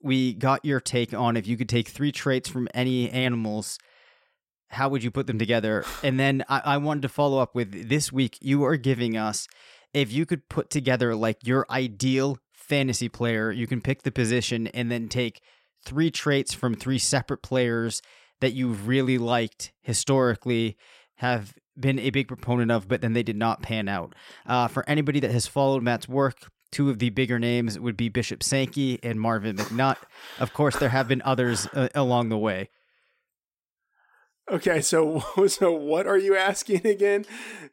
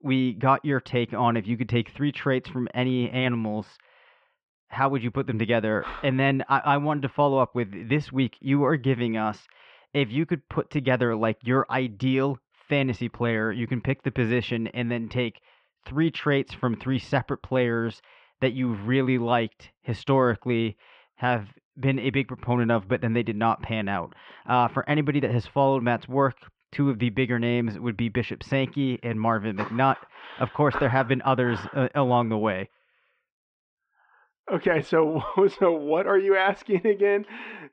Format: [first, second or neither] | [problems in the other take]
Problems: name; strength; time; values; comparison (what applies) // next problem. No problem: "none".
first | muffled; very; fading above 3 kHz